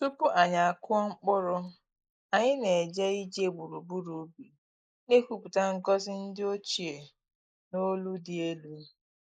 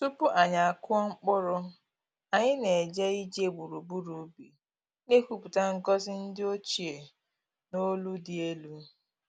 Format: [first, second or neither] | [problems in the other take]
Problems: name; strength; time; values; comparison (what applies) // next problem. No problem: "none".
second | noise reduction (neural mask model Resemble Enhance denoiser)